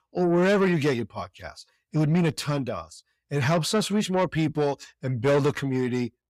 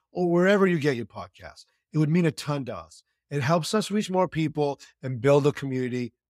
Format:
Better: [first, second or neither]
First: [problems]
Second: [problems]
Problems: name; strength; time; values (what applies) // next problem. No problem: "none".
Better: second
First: distortion; slight; 10 dB below the speech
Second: none